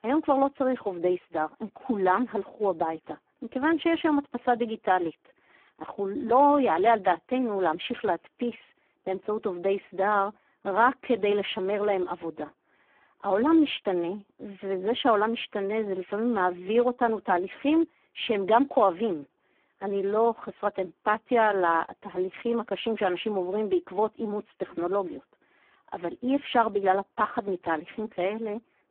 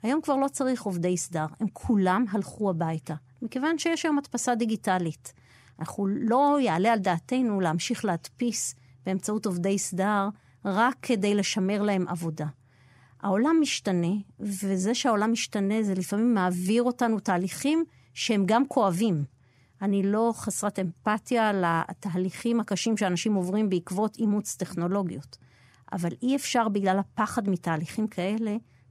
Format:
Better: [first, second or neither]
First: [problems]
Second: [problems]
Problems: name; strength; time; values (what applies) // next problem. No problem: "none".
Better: second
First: phone-call audio; poor line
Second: none